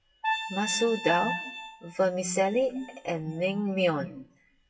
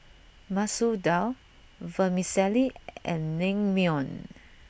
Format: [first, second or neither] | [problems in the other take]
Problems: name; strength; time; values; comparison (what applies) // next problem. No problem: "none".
second | noise reduction (classical method WPE with log-MMSE)